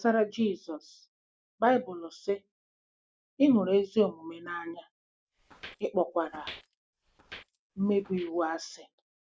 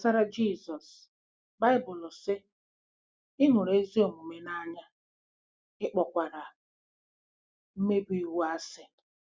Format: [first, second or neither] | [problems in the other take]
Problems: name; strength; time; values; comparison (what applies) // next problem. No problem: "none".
second | noise reduction (neural mask model DeepFilterNet 3)